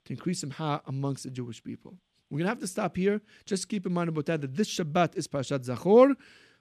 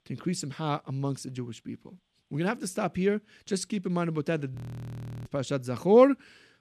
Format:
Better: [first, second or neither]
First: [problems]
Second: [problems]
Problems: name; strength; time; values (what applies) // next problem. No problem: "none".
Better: first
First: none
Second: audio freezing; at 4.5 s for 0.5 s